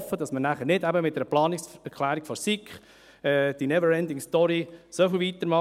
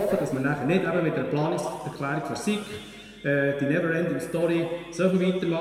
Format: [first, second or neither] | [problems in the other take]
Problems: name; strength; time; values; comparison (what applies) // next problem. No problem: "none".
first | room echo; dies away in 2.1 s